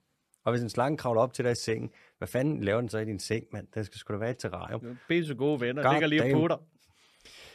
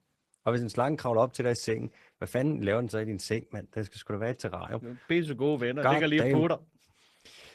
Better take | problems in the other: first | garbled, watery; slightly; nothing above 13.5 kHz

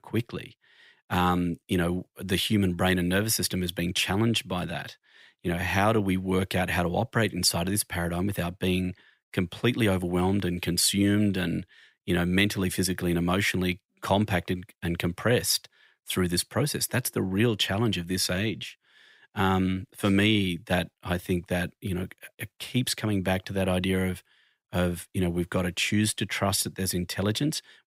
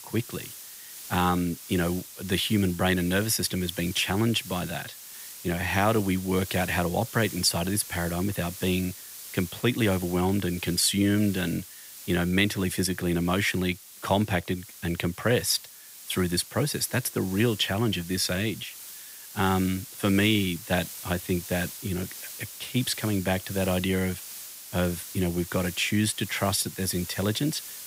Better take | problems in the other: first | hiss; noticeable; throughout; 15 dB below the speech

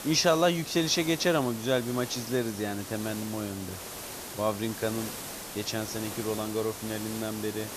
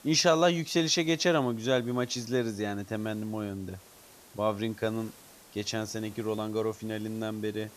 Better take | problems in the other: second | hiss; loud; throughout; 9 dB below the speech; faint in the second

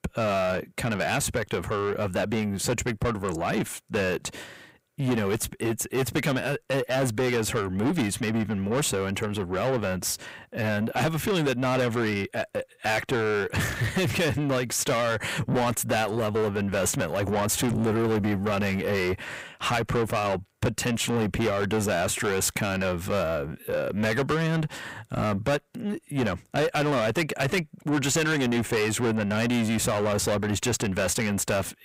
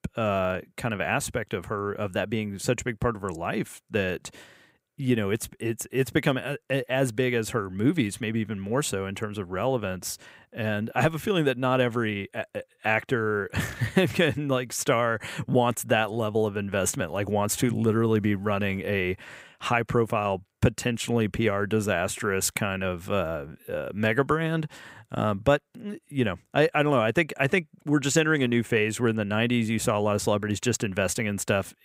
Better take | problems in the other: second | distortion; heavy; 6 dB below the speech

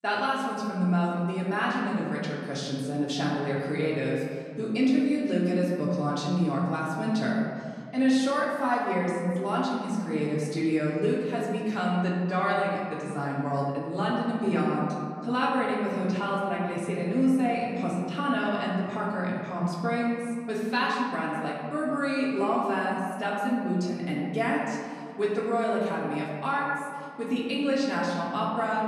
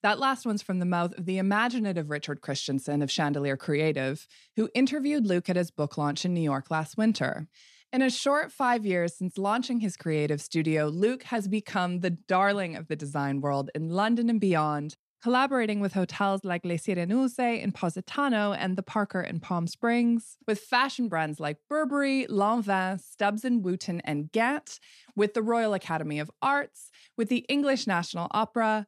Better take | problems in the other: second | room echo; noticeable; dies away in 2 s // off-mic speech; far

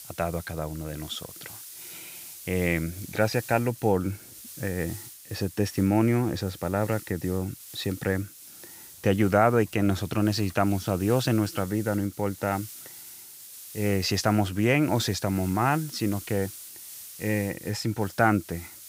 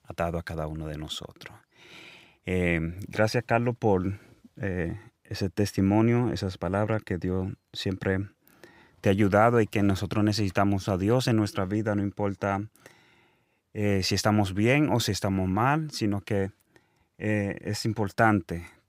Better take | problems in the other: second | hiss; noticeable; throughout; 15 dB below the speech

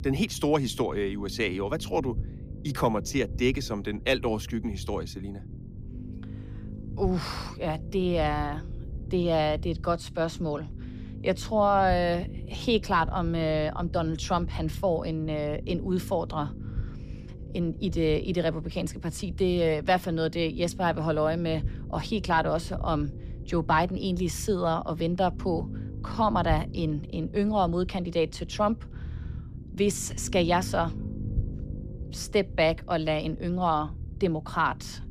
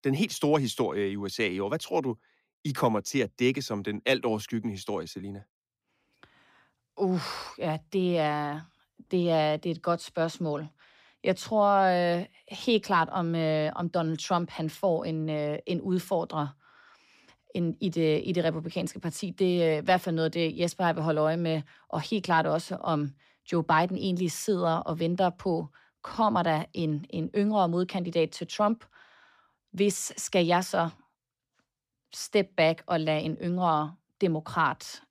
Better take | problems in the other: second | low rumble; faint; throughout; 20 dB below the speech

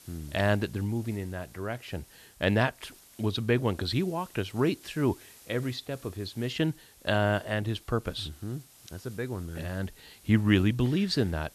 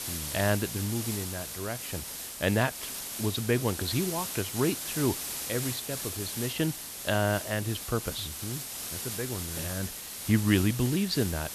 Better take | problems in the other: first | hiss; loud; throughout; 4 dB below the speech; faint in the first

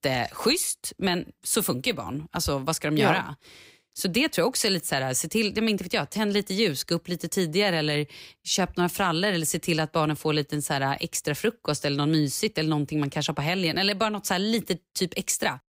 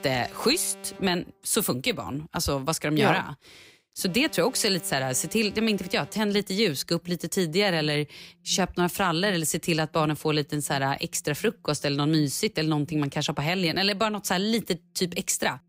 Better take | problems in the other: first | alarms or sirens; faint; throughout; 20 dB below the speech

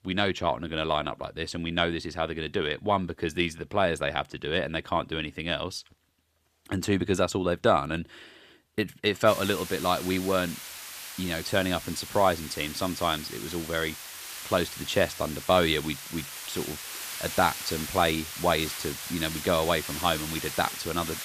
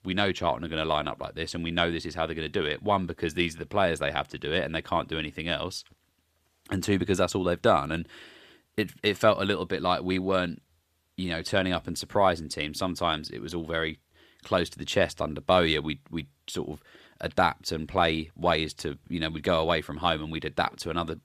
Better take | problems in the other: second | hiss; loud; from 9.5 s on; 8 dB below the speech

